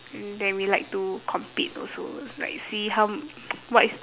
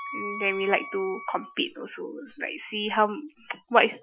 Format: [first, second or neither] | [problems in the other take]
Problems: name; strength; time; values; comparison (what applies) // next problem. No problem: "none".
first | noise reduction (classical method Wiener filter)